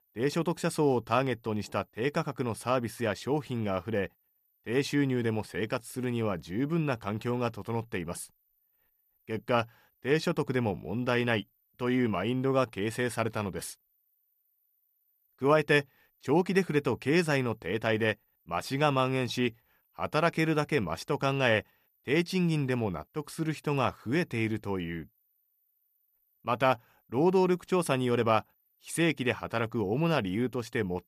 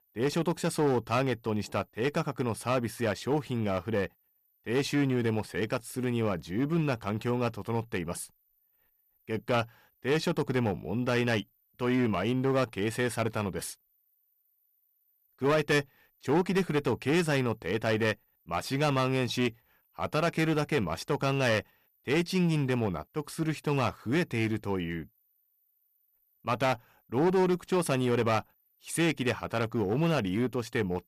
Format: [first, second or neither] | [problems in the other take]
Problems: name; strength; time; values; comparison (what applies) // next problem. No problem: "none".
first | distortion; slight; 6% of the sound clipped